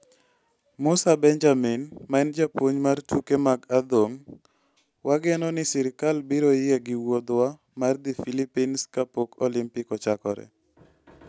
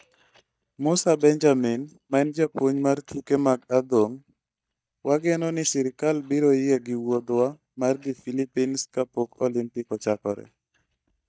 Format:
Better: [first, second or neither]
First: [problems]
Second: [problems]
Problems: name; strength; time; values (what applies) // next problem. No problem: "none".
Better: first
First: none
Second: noise reduction (neural mask model DeepFilterNet 3)